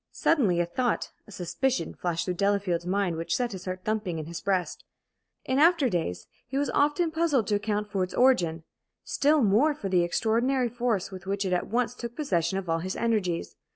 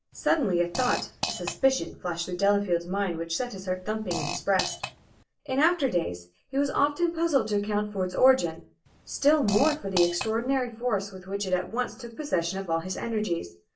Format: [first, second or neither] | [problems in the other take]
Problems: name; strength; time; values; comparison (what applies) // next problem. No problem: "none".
first | background sound (Fart); 9 dB below the speech // room echo; dies away in 0.3 s